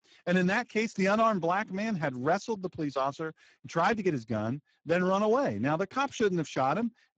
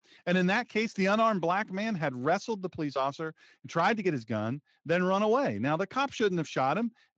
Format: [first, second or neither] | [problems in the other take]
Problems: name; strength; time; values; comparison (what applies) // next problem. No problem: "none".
second | garbled, watery; badly; slightly in the second